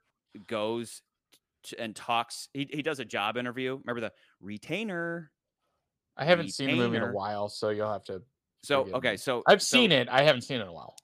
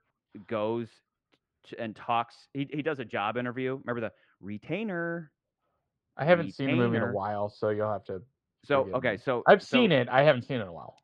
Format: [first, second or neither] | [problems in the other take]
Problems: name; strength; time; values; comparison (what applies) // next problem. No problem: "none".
first | muffled; very; fading above 2 kHz